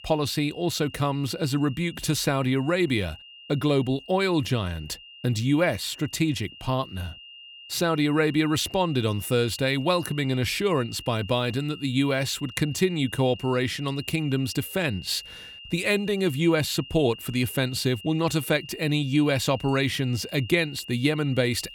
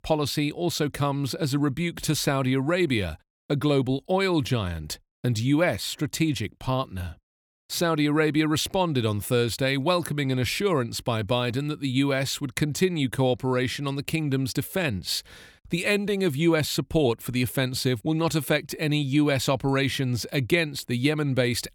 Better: second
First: high-pitched whine; noticeable; throughout; 3 kHz, 15 dB below the speech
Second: none

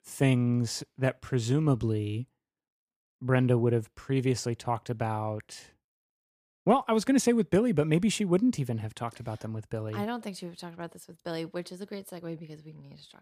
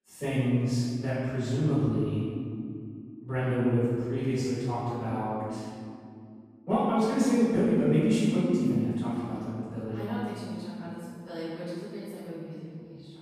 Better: first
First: none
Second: off-mic speech; far // room echo; strong; dies away in 2.7 s

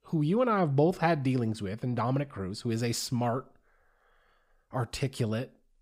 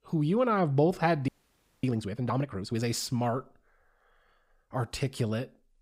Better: first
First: none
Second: audio freezing; at 1.5 s for 0.5 s

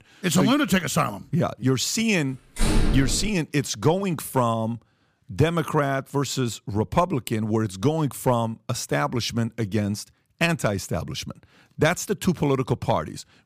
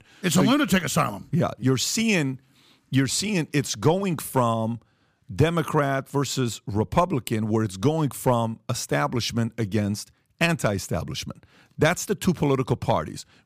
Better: second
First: door banging; loud; at 2.5 s; peak level with the speech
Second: none

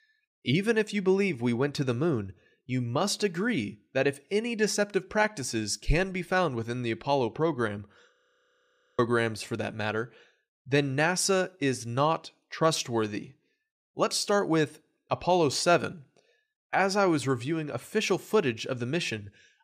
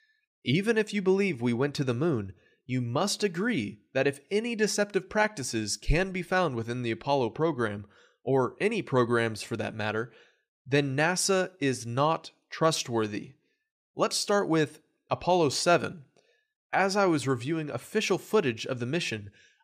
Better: second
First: audio freezing; at 8 s for 1 s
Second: none

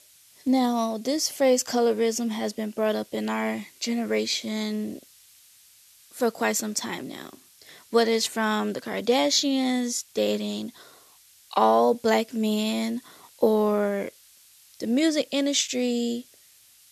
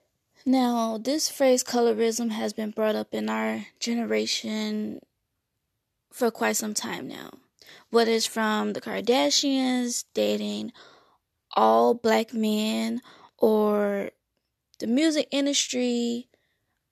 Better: second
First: hiss; faint; throughout; 25 dB below the speech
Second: none

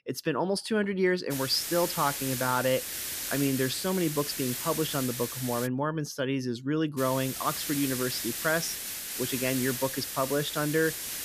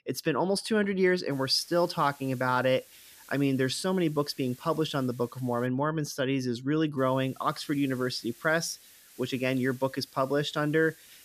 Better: second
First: hiss; loud; from 1.5 to 5.5 s and from 7 s on; 4 dB below the speech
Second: hiss; faint; from 1.5 to 5.5 s and from 7 s on; 25 dB below the speech

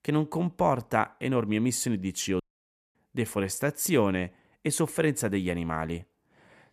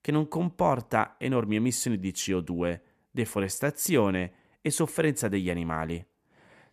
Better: second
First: audio cutting out; at 2.5 s for 0.5 s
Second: none

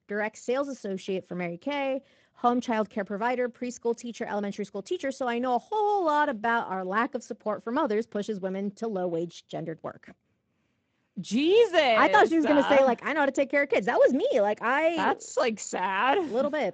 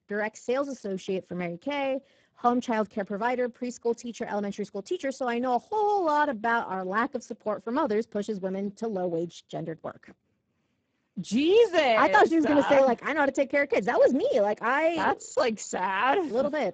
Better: first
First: garbled, watery; slightly; nothing above 7.5 kHz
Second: garbled, watery; badly; nothing above 7.5 kHz

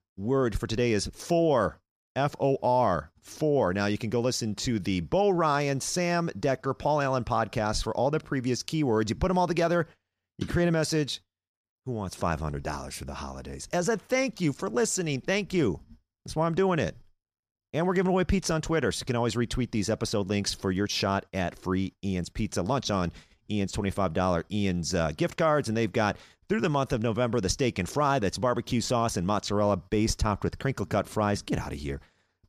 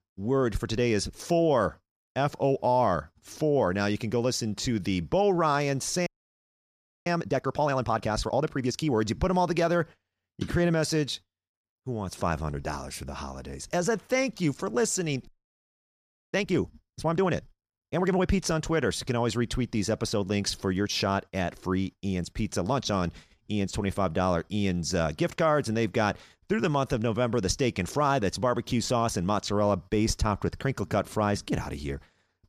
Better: first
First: none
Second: audio freezing; at 6 s for 1 s and at 15 s for 1 s

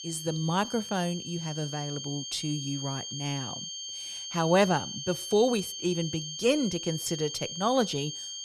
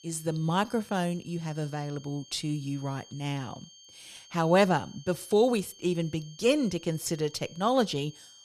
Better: second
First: high-pitched whine; loud; throughout; 3 kHz, 6 dB below the speech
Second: high-pitched whine; faint; throughout; 3 kHz, 20 dB below the speech

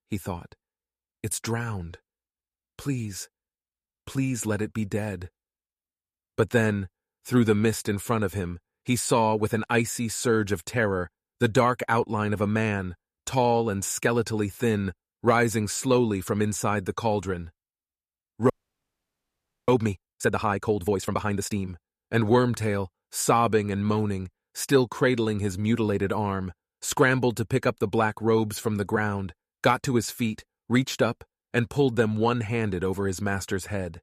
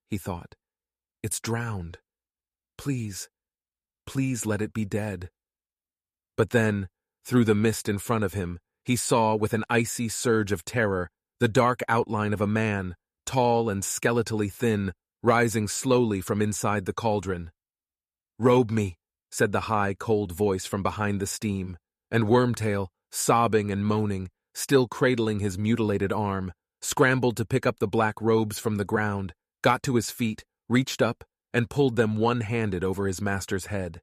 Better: second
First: audio freezing; at 19 s for 1 s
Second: none

